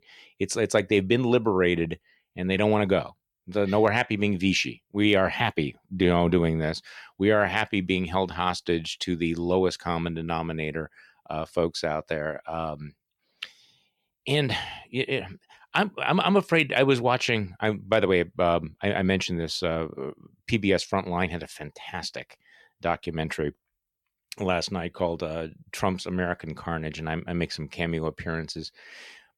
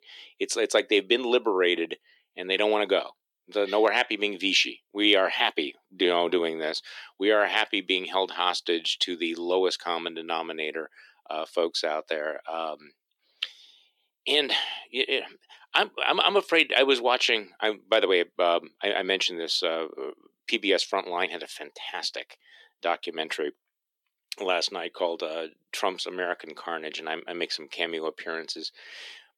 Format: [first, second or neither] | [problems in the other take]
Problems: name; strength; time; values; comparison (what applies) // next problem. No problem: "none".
first | thin; somewhat; fading below 300 Hz